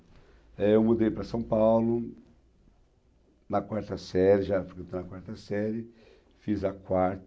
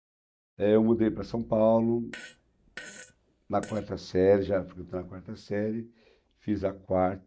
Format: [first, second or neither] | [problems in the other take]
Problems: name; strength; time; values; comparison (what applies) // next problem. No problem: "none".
first | noise reduction (neural mask model DeepFilterNet 3)